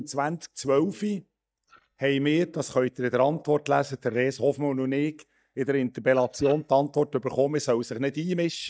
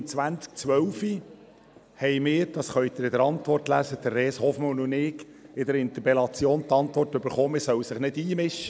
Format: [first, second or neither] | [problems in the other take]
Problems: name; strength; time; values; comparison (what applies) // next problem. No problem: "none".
second | noise reduction (neural mask model DeepFilterNet 3)